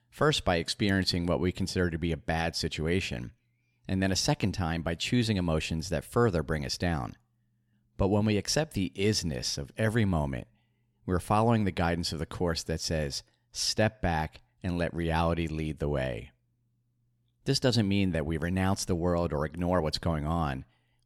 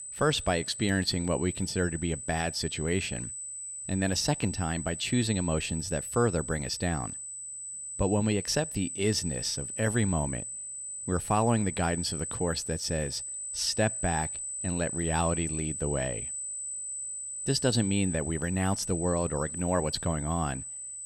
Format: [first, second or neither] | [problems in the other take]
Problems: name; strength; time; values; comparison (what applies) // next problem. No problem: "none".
first | high-pitched whine; loud; throughout; 8 kHz, 5 dB below the speech